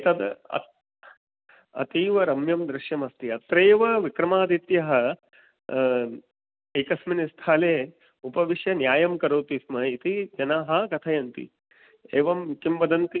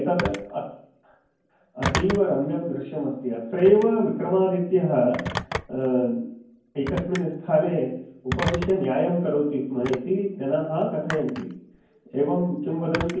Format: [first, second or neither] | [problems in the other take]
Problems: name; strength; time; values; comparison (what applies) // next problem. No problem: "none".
first | background sound (Telephone); 11 dB below the speech // room echo; dies away in 0.9 s